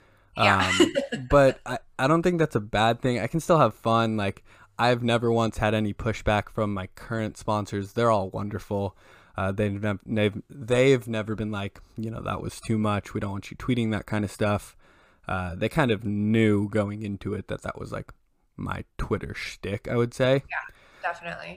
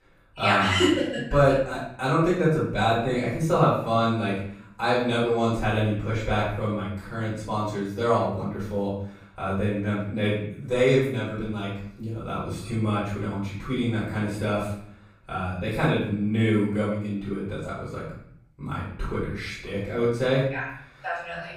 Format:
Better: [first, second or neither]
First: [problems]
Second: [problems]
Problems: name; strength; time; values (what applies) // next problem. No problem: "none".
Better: first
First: none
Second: off-mic speech; far // room echo; noticeable; dies away in 0.6 s